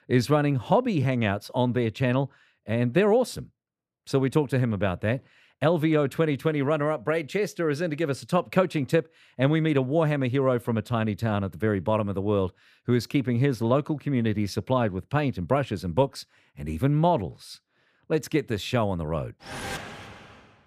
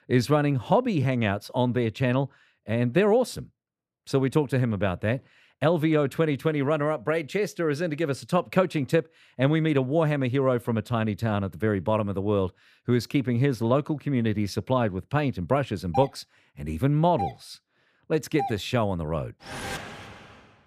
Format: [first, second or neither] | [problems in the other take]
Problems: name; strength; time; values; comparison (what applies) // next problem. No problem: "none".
first | doorbell; noticeable; from 16 to 19 s; peak 8 dB below the speech